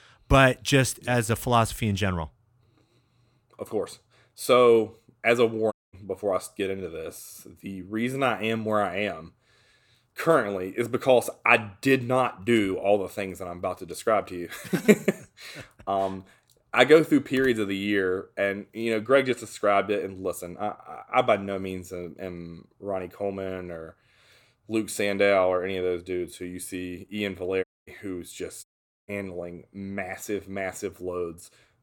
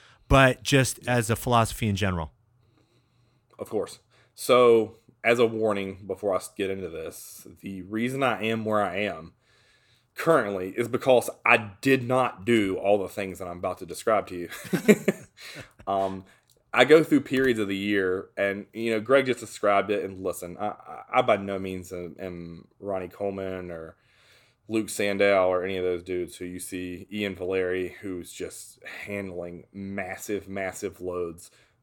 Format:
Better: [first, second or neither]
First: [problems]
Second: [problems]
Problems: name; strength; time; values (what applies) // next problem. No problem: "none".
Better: second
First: audio cutting out; at 5.5 s, at 28 s and at 29 s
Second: none